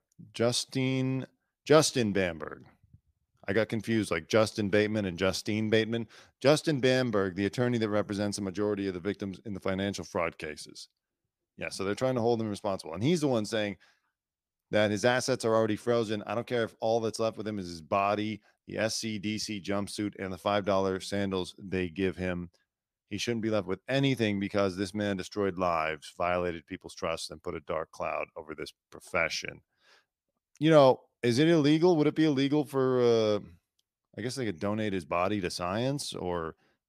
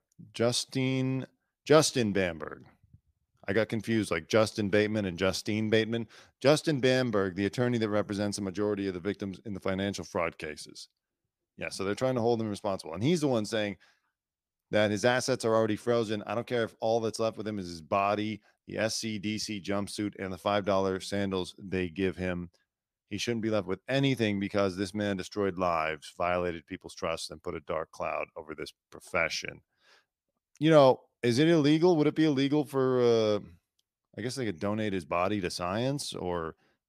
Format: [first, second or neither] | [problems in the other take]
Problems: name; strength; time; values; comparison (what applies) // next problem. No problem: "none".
neither | none